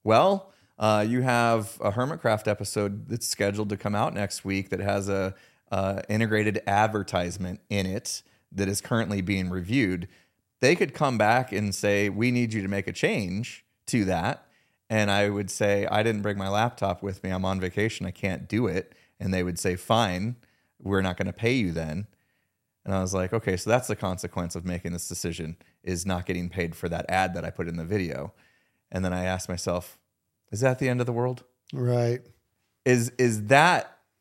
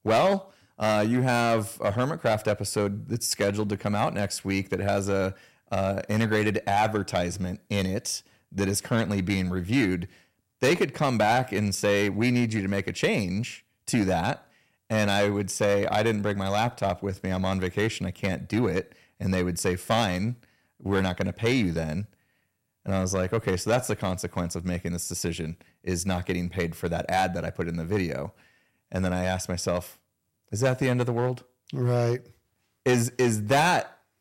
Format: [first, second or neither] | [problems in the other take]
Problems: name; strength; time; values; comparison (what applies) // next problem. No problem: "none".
first | distortion; slight; 4% of the sound clipped